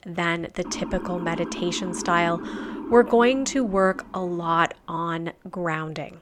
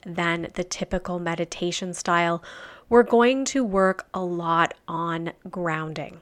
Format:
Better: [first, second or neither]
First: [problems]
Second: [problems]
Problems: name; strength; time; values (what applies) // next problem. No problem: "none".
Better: second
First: siren; noticeable; from 0.5 to 4.5 s; peak 9 dB below the speech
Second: none